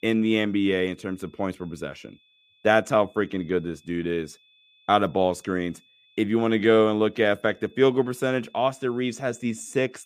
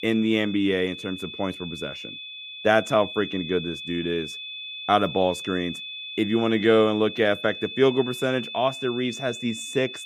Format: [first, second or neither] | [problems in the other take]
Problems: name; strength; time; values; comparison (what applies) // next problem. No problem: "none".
first | high-pitched whine; loud; throughout; 3.5 kHz, 10 dB below the speech; faint in the first